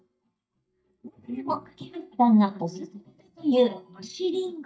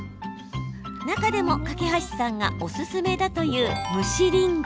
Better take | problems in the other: second | noise reduction (neural mask model DeepFilterNet 3)

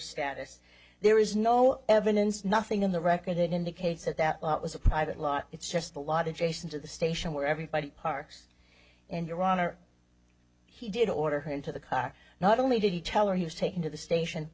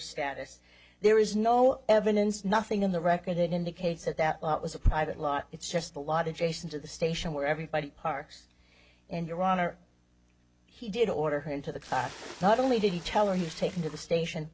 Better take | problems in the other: first | background sound (Splash, splatter); 18 dB below the speech

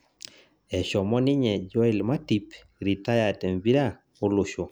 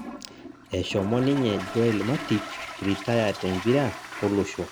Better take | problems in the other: first | background sound (Toilet flush); 11 dB below the speech

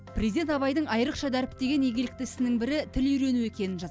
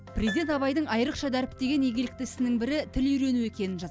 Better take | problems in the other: first | background sound (Harp); 20 dB below the speech

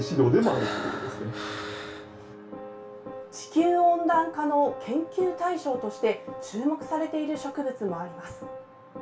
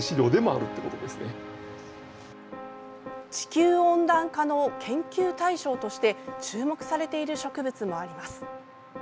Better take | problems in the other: second | background sound (Breathing); 10 dB below the speech // room echo; dies away in 0.3 s

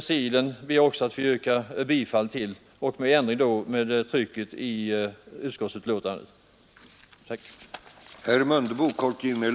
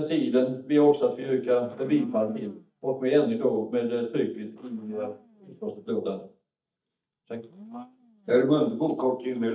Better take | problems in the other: first | noise reduction (neural mask model DeepFilterNet 3)

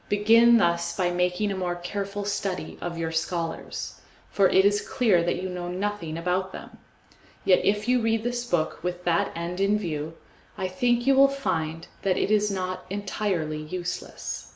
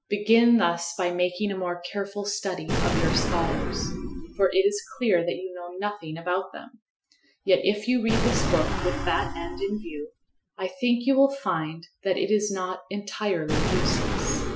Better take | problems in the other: first | noise reduction (classical method Wiener filter)

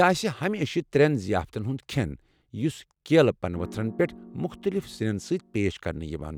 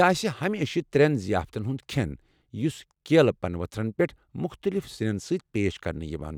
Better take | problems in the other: second | background sound (Piano); 18 dB below the speech

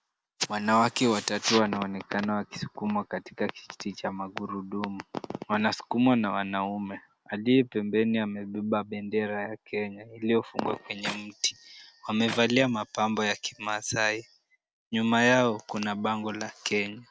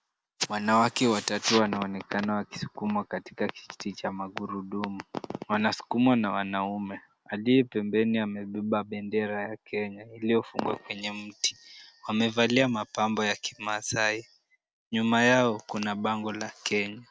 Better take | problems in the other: second | background sound (Clapping); 14 dB below the speech

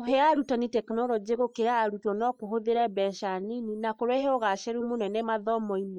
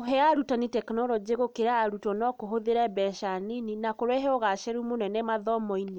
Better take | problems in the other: second | noise reduction (neural mask model Resemble Enhance denoiser)

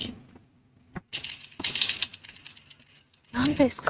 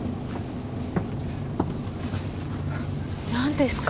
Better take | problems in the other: second | noise reduction (neural mask model RNNoise)

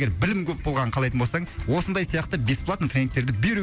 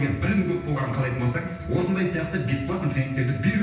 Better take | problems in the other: first | background sound (Wind instrument, woodwind instrument); 19 dB below the speech // room echo; dies away in 0.9 s

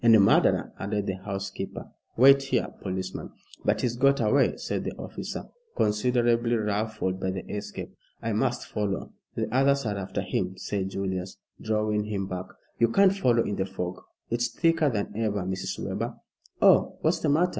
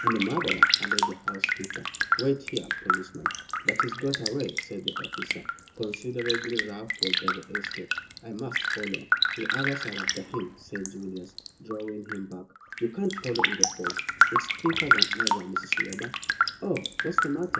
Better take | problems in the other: first | background sound (Raindrop); 5 dB above the speech // room echo; dies away in 0.2 s

